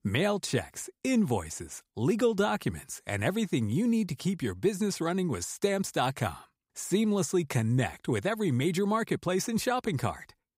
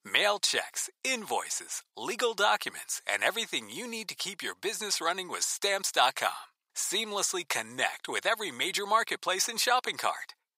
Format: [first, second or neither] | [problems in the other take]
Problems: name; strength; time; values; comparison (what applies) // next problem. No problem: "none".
first | thin; very; fading below 850 Hz